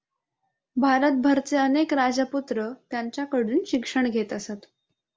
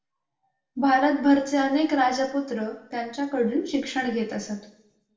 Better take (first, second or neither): first